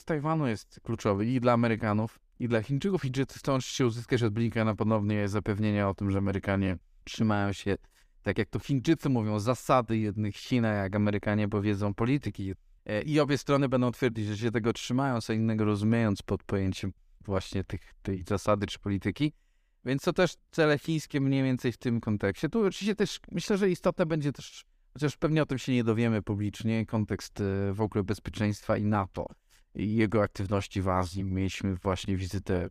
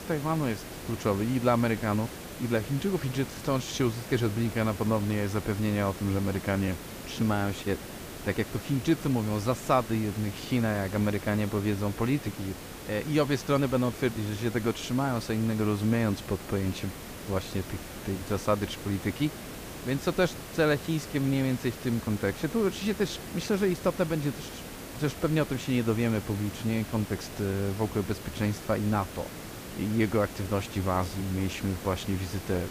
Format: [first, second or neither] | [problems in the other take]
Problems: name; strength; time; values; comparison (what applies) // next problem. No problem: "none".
first | hiss; noticeable; throughout; 10 dB below the speech